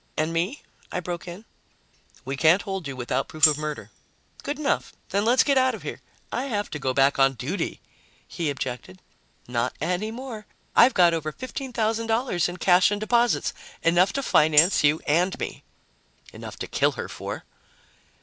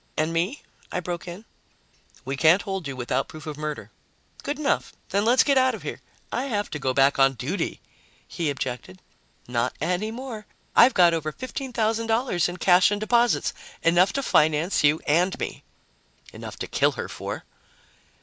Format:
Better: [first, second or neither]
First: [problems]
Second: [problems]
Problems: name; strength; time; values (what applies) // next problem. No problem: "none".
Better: second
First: background sound (Tambourine); 2 dB below the speech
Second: none